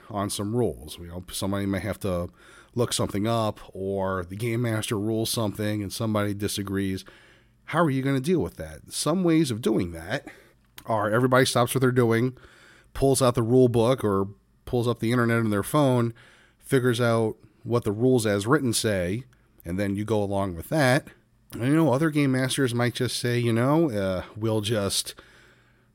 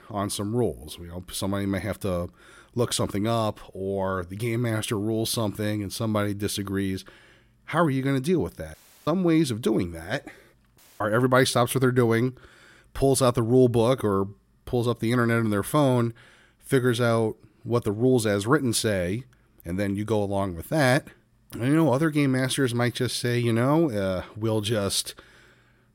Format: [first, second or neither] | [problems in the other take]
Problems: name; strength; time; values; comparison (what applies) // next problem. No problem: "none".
first | audio cutting out; at 8.5 s and at 11 s